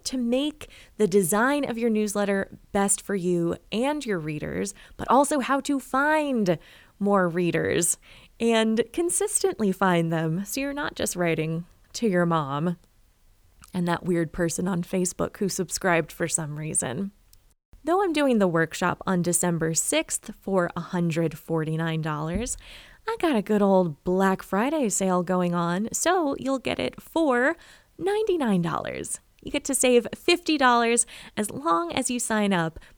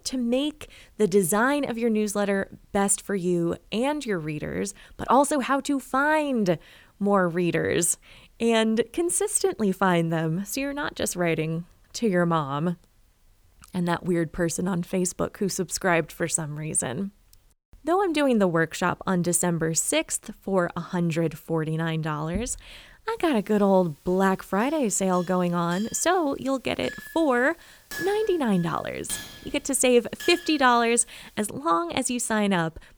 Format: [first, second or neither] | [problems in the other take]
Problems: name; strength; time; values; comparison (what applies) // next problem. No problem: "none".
first | clattering dishes; noticeable; from 25 to 31 s; peak 10 dB below the speech